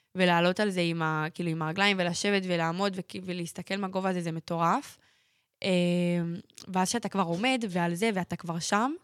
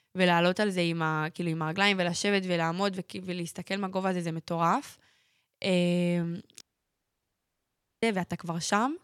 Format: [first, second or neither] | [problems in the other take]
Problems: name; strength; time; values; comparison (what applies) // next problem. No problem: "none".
first | audio cutting out; at 6.5 s for 1.5 s